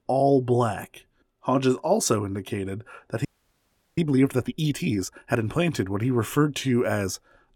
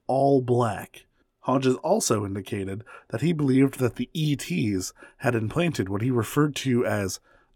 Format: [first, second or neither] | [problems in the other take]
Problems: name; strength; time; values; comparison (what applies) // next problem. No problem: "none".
second | audio freezing; at 3.5 s for 0.5 s